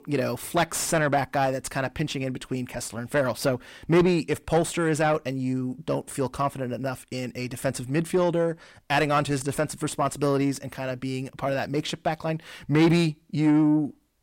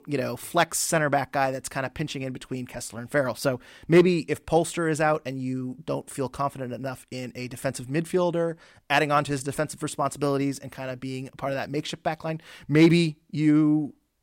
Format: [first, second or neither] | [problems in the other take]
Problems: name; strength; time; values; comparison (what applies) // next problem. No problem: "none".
second | distortion; slight; 10 dB below the speech